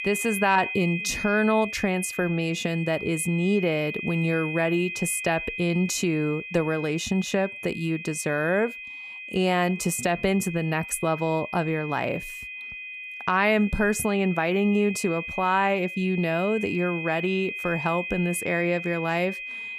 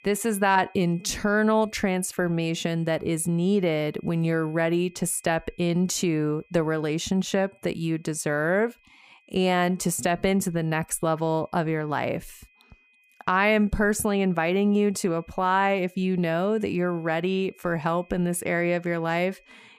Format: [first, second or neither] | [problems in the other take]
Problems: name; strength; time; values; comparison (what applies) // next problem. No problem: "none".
second | high-pitched whine; loud; throughout; 2.5 kHz, 8 dB below the speech; faint in the second